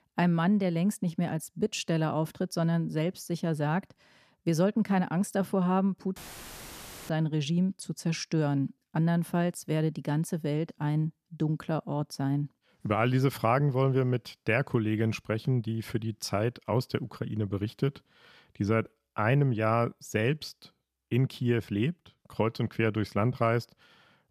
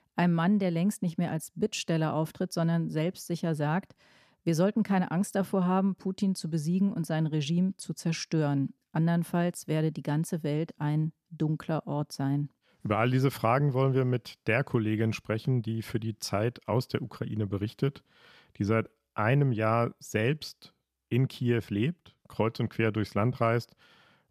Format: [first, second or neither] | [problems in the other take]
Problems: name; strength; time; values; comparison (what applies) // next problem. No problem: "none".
second | audio cutting out; filled with static; at 6 s for 1 s